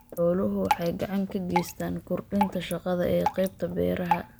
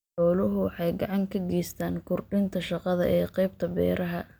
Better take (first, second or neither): second